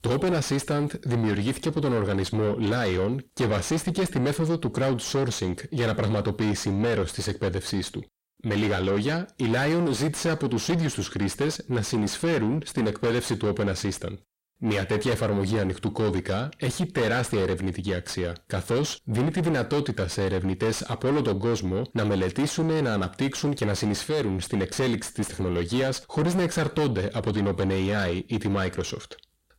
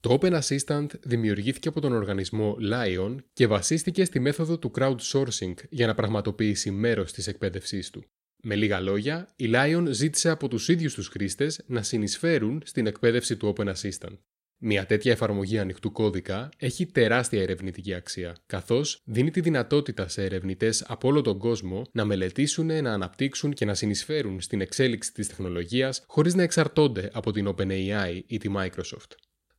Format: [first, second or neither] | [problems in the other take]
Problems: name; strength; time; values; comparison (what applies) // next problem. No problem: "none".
second | distortion; heavy; 6 dB below the speech